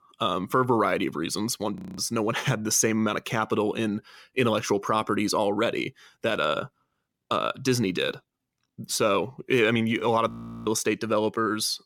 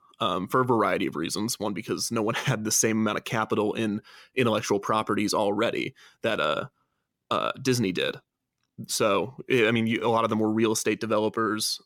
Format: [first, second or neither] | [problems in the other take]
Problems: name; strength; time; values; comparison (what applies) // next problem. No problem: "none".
second | audio freezing; at 2 s and at 10 s